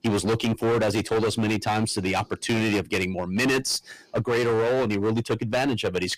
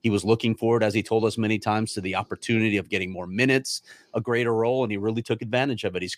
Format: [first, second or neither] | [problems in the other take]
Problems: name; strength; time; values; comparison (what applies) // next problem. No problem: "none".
second | distortion; heavy; 19% of the sound clipped